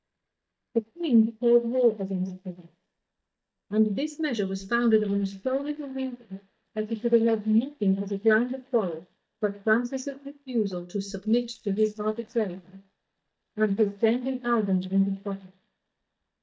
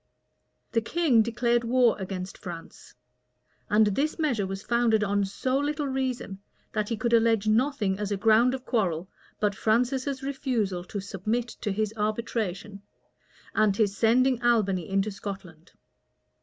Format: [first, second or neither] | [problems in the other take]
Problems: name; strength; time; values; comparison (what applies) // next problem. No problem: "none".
second | noise reduction (neural mask model DeepFilterNet 3)